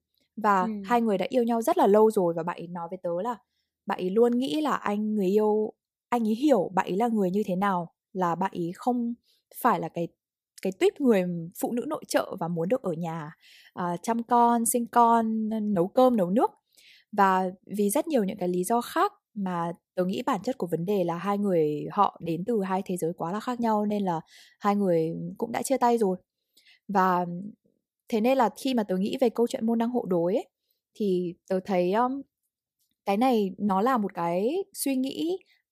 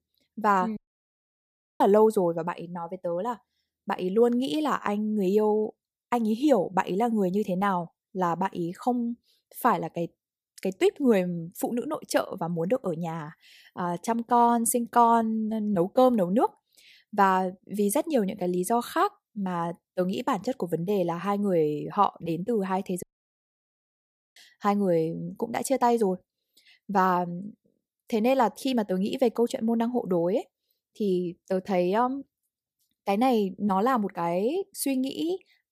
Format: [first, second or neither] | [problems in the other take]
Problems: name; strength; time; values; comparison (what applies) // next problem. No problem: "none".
first | audio cutting out; at 1 s for 1 s and at 23 s for 1.5 s